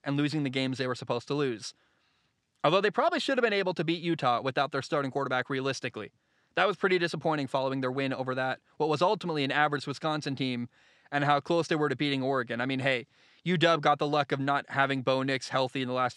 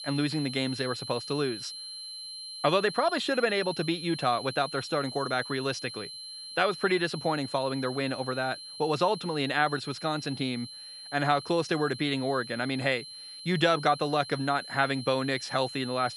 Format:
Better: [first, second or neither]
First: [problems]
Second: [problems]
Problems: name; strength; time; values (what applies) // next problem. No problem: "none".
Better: first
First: none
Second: high-pitched whine; noticeable; throughout; 4 kHz, 10 dB below the speech